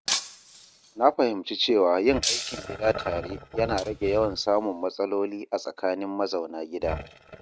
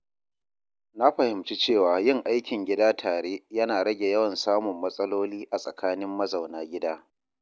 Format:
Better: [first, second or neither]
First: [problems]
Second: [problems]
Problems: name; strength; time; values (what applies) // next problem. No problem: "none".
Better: second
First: noise reduction (neural mask model RNNoise)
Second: none